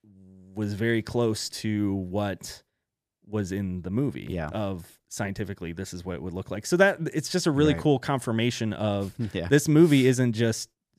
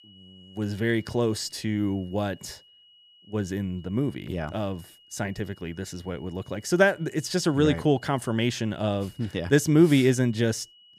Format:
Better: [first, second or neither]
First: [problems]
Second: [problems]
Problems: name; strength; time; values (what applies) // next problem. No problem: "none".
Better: first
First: none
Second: high-pitched whine; faint; throughout; 3 kHz, 25 dB below the speech